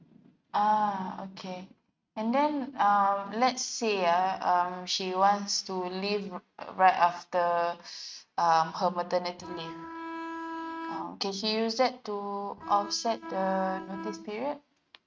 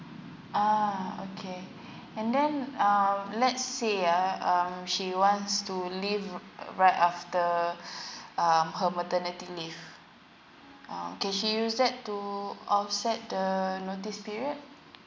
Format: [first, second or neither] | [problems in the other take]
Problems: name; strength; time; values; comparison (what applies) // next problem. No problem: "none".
second | noise reduction (neural mask model RNNoise)